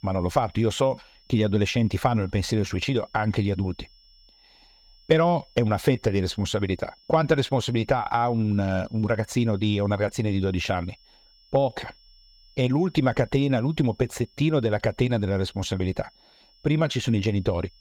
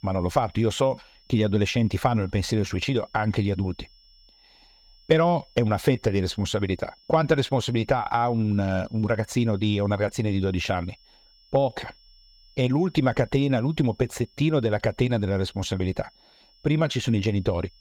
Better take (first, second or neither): neither